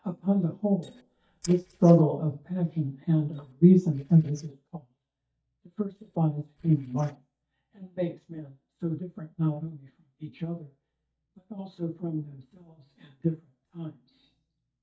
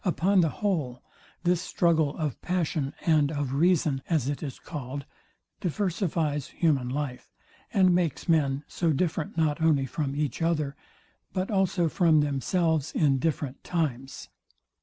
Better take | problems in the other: second | noise reduction (neural mask model DeepFilterNet 3)

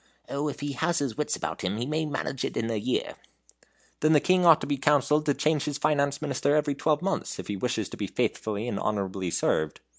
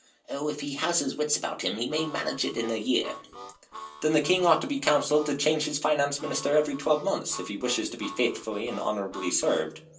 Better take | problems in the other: first | background sound (Harmonica); 16 dB below the speech // room echo; dies away in 0.3 s

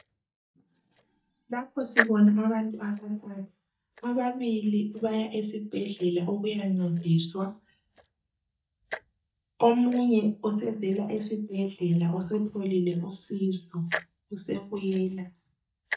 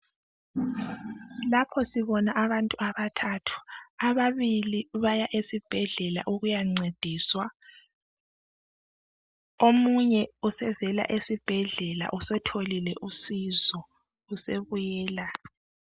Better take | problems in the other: second | noise reduction (neural mask model DeepFilterNet 3)

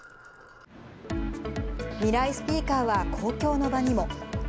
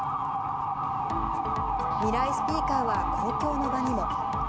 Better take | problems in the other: first | background sound (Motor vehicle (road) / Siren); 4 dB above the speech

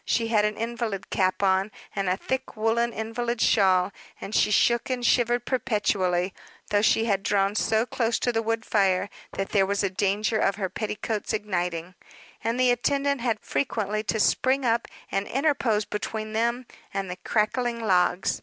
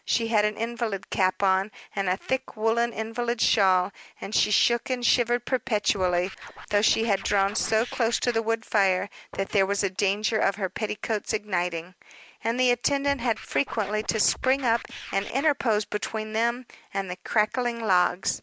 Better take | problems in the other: first | background sound (Scratching (performance technique)); 15 dB below the speech

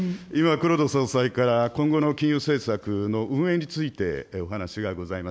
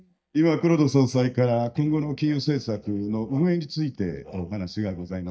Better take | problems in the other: first | noise reduction (neural mask model DeepFilterNet 3)

